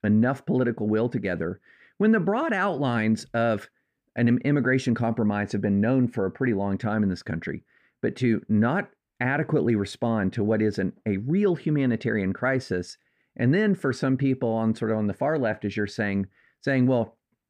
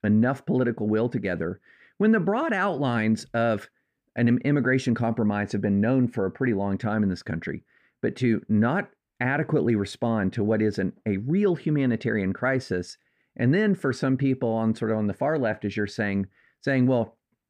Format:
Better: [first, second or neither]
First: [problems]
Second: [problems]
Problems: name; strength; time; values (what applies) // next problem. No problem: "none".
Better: neither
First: none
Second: none